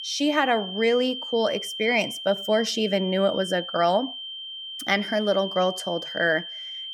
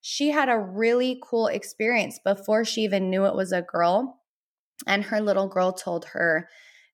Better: second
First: high-pitched whine; loud; throughout; 3 kHz, 8 dB below the speech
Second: none

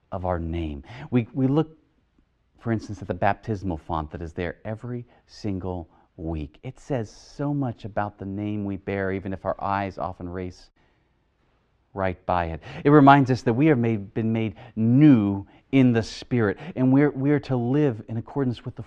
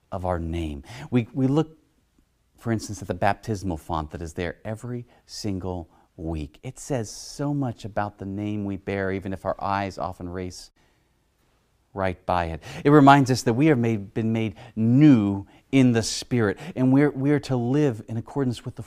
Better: second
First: muffled; slightly; fading above 3 kHz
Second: none

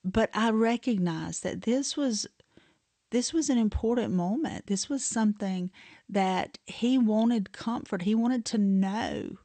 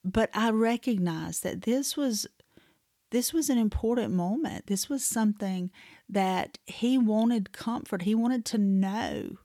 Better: second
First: garbled, watery; slightly; nothing above 8.5 kHz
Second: none

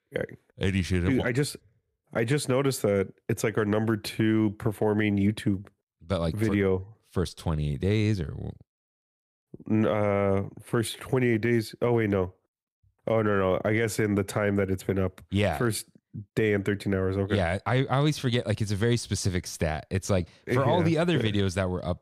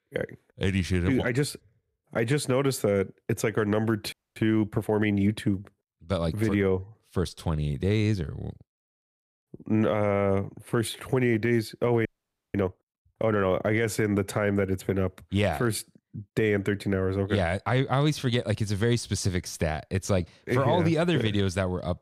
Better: first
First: none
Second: audio freezing; at 4 s and at 12 s

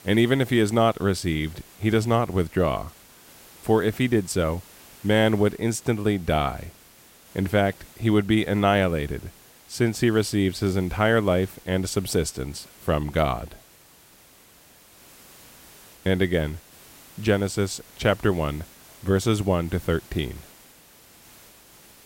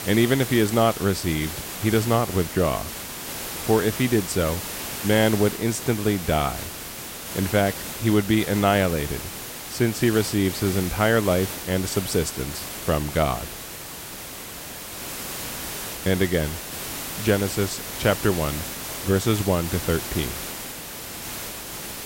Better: first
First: hiss; faint; throughout; 25 dB below the speech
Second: hiss; loud; throughout; 8 dB below the speech

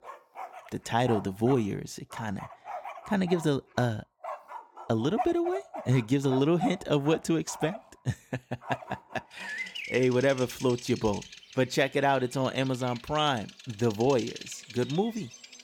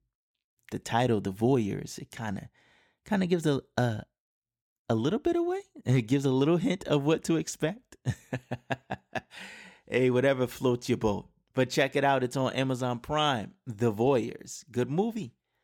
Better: second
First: animal sounds; noticeable; throughout; 15 dB below the speech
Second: none

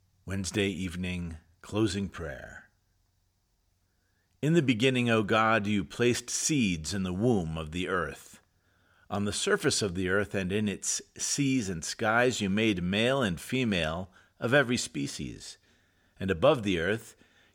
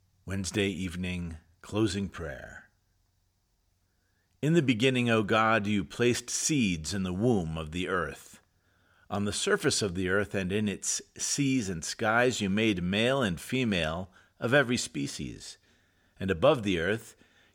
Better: neither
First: none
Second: none

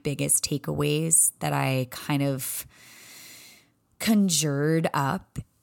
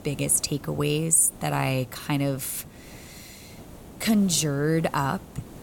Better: first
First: none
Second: hiss; faint; throughout; 20 dB below the speech

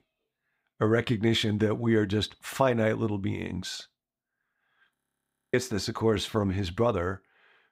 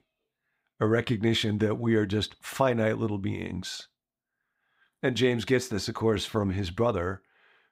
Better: second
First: audio freezing; at 5 s for 0.5 s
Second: none

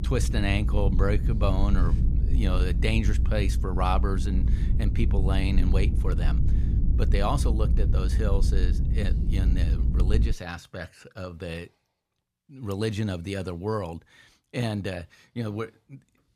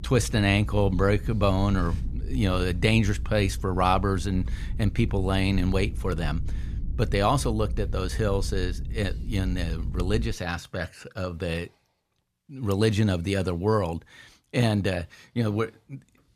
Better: second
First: low rumble; loud; until 10 s; 8 dB below the speech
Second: low rumble; faint; until 10 s; 20 dB below the speech

